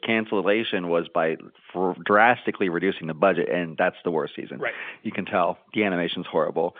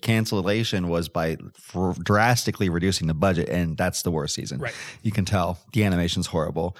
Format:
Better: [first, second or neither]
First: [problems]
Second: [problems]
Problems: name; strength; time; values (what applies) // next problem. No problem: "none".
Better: second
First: phone-call audio; nothing above 3.5 kHz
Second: none